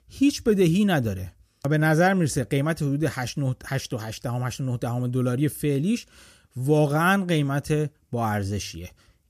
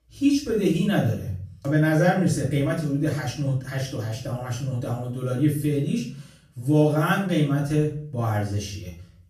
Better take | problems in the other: first | off-mic speech; far // room echo; noticeable; dies away in 0.5 s

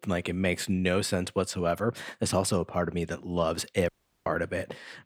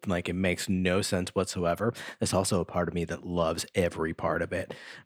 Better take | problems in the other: second | audio cutting out; at 4 s

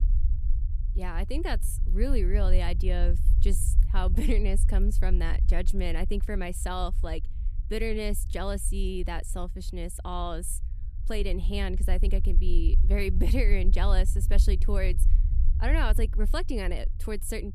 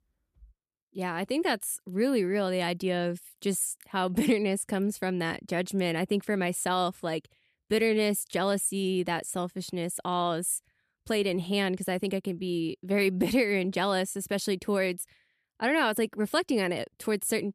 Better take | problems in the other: second | low rumble; noticeable; throughout; 15 dB below the speech

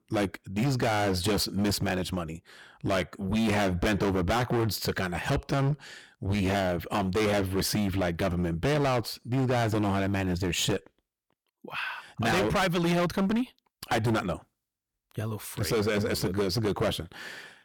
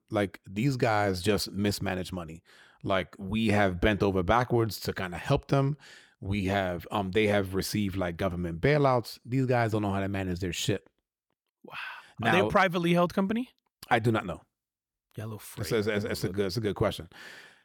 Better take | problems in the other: second | distortion; heavy; 16% of the sound clipped

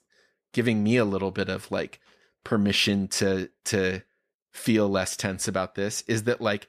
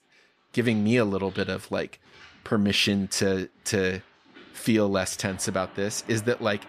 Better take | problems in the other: first | rain or running water; faint; throughout; 25 dB below the speech

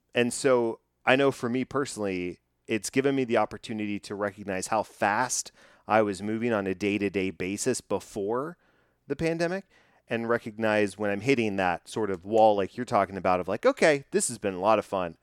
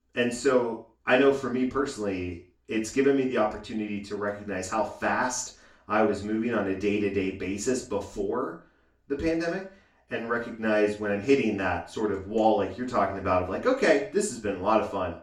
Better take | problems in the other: first | room echo; slight; dies away in 0.3 s // off-mic speech; far

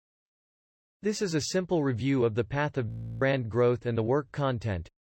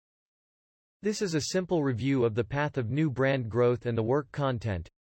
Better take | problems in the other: second | audio freezing; at 3 s

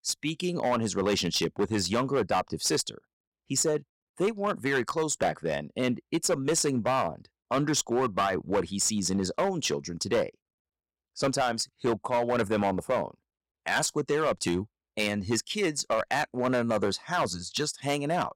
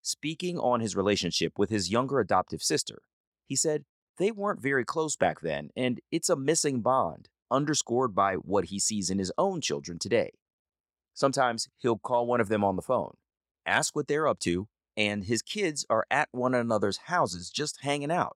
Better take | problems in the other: second | distortion; slight; 7% of the sound clipped

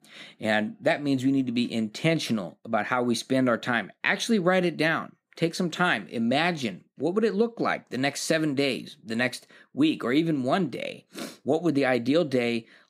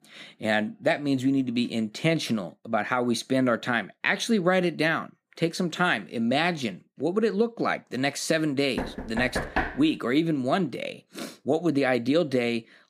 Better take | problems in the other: first | door banging; noticeable; at 9 s; peak 2 dB below the speech

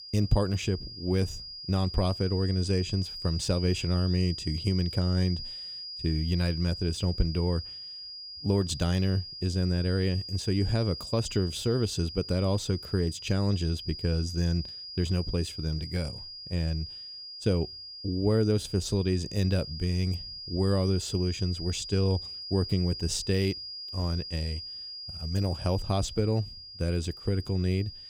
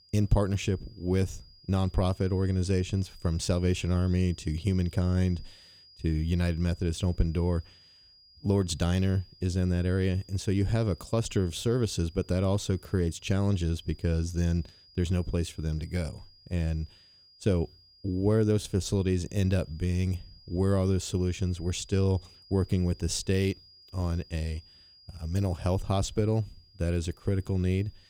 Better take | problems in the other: second | high-pitched whine; loud; throughout; 5 kHz, 9 dB below the speech; faint in the second

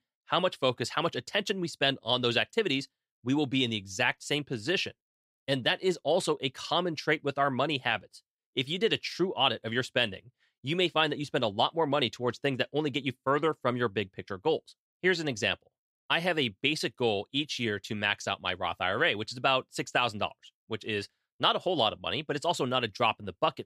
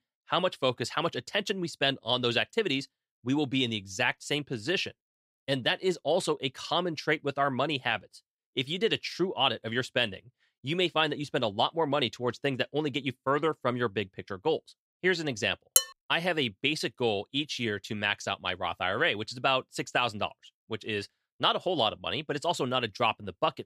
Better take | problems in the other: first | clattering dishes; very faint; at 16 s; peak 5 dB above the speech

